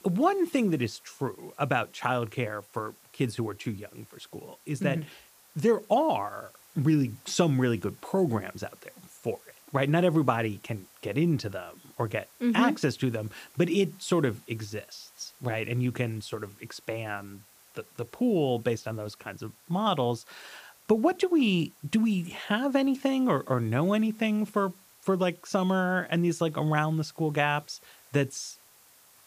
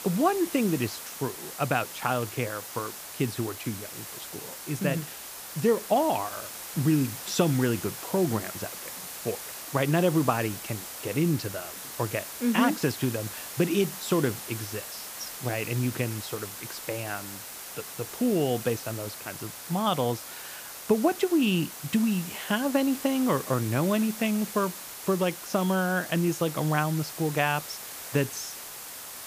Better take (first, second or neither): first